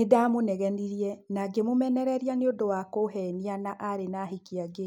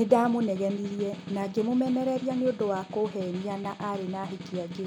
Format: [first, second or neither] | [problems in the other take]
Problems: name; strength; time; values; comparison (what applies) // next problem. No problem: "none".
first | background sound (Snare drum); 13 dB below the speech